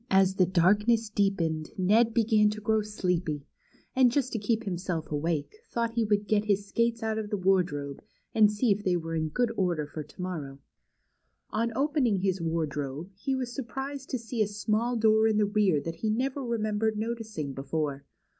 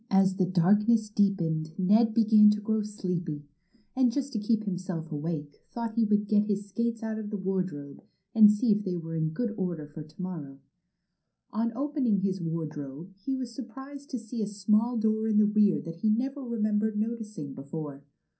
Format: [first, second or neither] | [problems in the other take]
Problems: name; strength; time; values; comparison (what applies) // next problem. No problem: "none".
first | room echo; dies away in 0.3 s